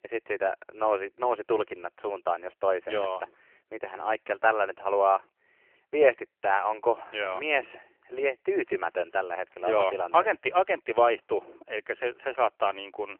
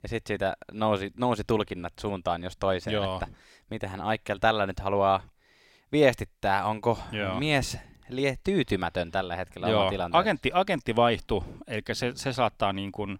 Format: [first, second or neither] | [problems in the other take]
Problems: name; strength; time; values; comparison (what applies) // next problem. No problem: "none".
second | phone-call audio; nothing above 3 kHz